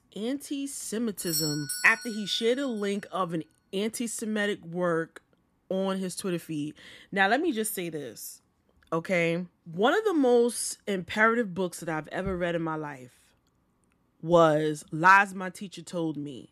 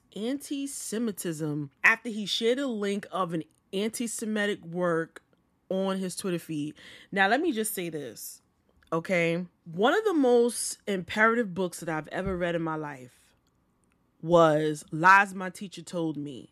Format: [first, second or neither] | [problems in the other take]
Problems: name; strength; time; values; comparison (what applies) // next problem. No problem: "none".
second | doorbell; noticeable; at 1 s; peak 2 dB below the speech